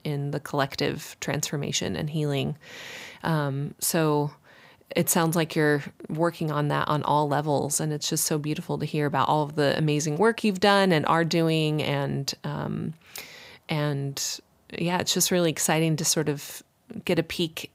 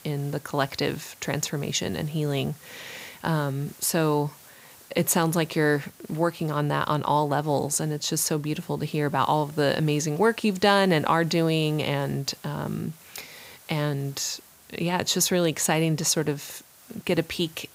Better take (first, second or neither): first